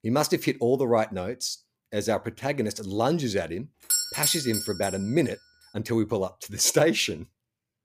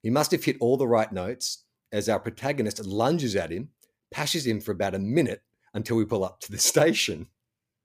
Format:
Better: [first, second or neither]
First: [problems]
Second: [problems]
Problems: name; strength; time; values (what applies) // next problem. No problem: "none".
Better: second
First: doorbell; loud; from 4 to 5 s; peak 4 dB above the speech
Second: none